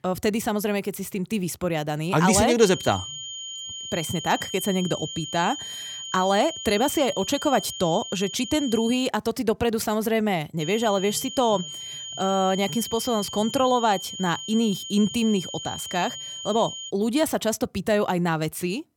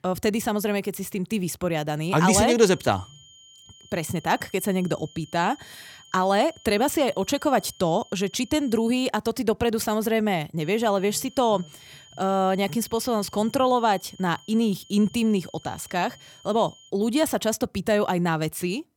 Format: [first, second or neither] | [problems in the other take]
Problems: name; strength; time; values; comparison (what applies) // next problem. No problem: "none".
second | high-pitched whine; loud; from 2.5 to 9 s and from 11 to 17 s; 3 kHz, 9 dB below the speech; faint in the second